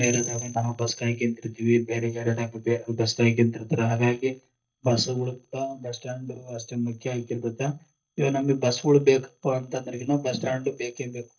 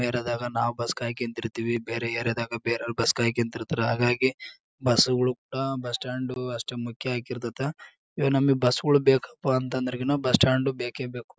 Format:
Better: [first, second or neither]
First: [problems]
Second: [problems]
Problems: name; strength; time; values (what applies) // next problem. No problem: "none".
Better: second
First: noise reduction (neural mask model DeepFilterNet 3)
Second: none